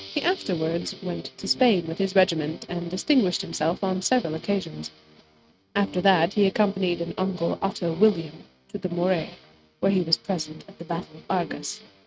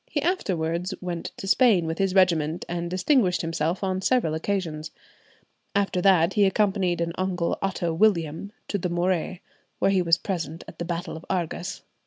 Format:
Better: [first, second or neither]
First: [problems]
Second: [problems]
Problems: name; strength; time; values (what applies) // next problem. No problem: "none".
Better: second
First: noise reduction (neural mask model RNNoise)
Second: none